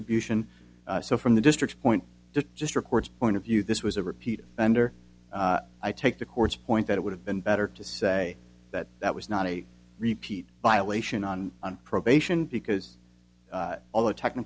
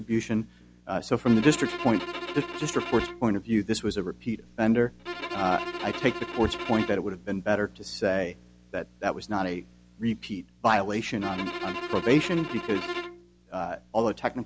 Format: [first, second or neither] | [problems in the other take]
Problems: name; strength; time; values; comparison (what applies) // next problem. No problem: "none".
first | background sound (Bowed string instrument); 8 dB below the speech